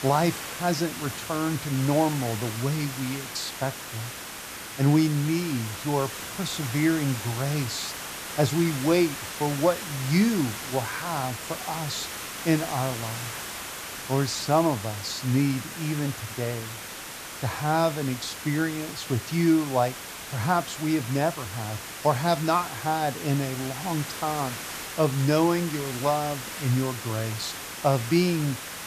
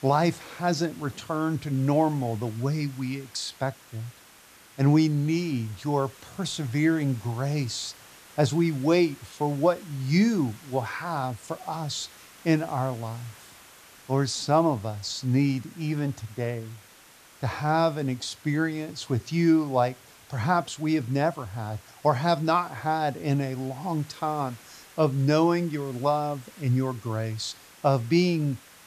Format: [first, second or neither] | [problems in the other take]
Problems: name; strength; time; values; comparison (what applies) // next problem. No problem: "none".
second | hiss; loud; throughout; 8 dB below the speech; faint in the second